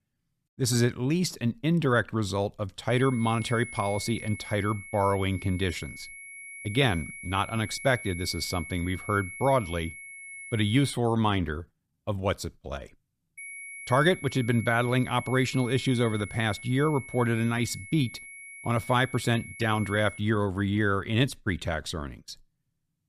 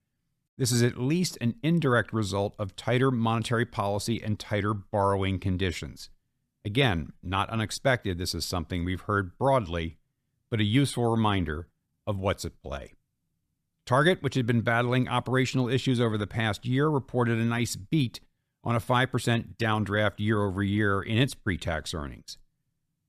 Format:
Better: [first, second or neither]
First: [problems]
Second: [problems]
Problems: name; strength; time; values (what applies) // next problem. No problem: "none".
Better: second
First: high-pitched whine; noticeable; from 3 to 11 s and from 13 to 20 s; 2 kHz, 15 dB below the speech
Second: none